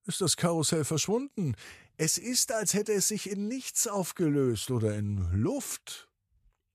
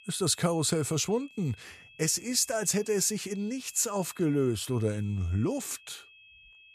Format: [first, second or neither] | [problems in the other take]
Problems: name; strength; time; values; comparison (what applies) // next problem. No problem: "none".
first | high-pitched whine; faint; throughout; 2.5 kHz, 25 dB below the speech